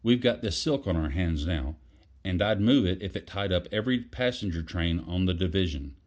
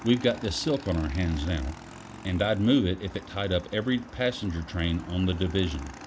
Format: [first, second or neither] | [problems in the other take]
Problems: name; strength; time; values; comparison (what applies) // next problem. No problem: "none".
first | background sound (Motorcycle / Engine); 17 dB below the speech